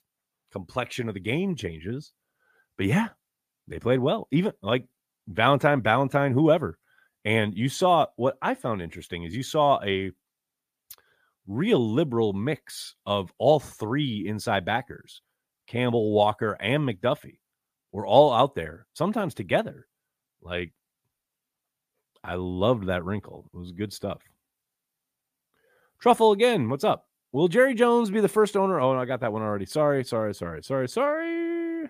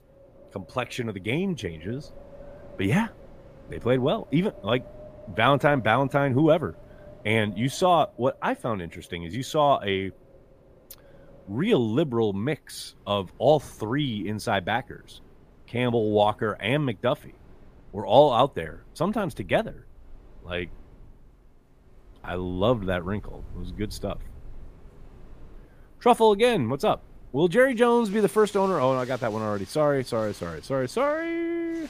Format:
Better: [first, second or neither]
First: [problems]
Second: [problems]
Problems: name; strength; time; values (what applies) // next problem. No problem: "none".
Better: first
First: none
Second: wind in the background; faint; throughout; 25 dB below the speech